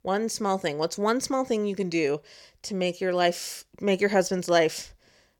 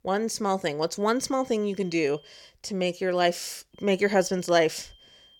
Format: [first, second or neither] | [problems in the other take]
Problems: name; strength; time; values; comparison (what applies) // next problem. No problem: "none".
first | high-pitched whine; faint; from 1 to 2.5 s and from 4 s on; 3 kHz, 30 dB below the speech